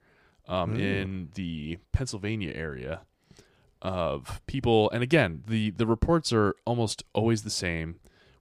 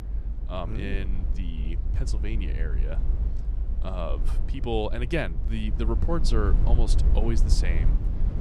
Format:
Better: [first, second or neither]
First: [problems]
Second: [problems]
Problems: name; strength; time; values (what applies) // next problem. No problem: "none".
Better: first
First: none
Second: low rumble; noticeable; throughout; 10 dB below the speech